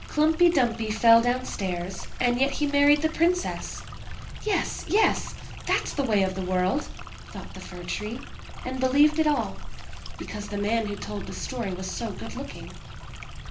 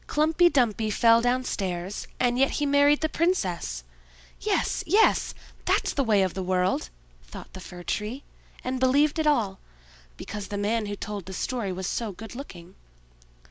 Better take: second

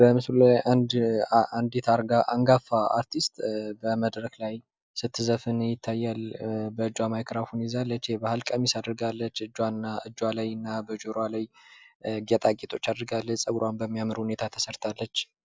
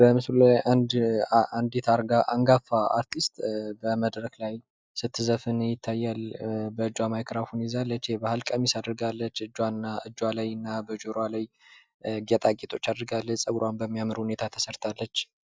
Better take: first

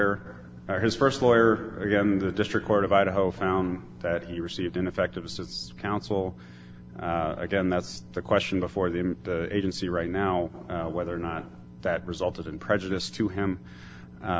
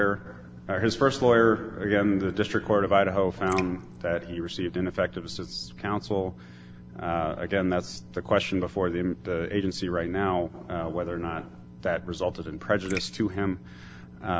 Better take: first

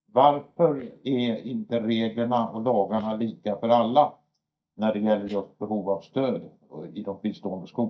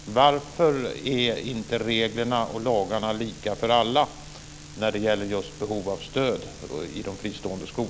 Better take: second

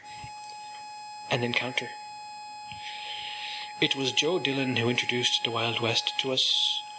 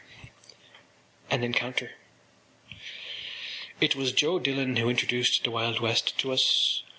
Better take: second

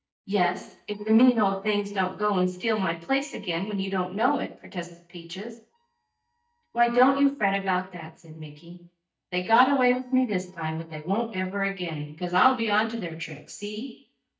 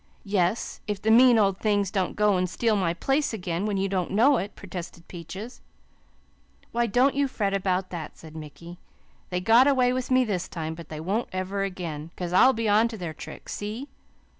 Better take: second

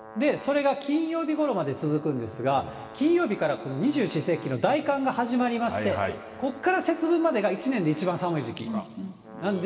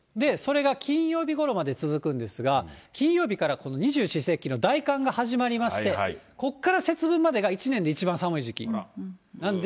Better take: second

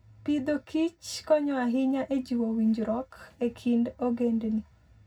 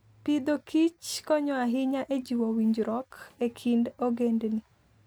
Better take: second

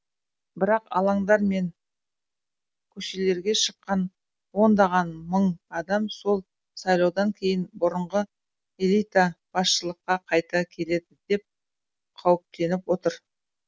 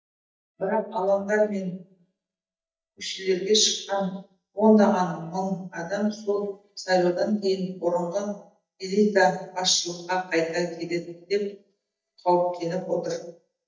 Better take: first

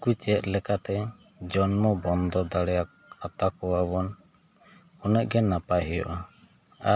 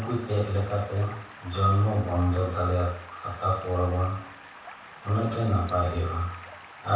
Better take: first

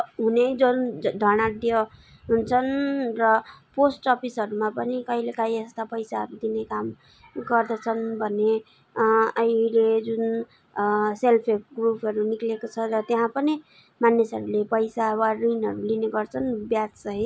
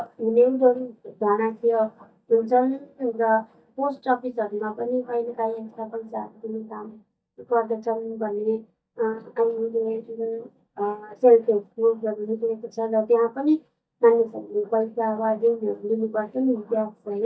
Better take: first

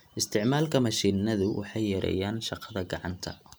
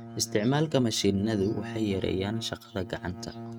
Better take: first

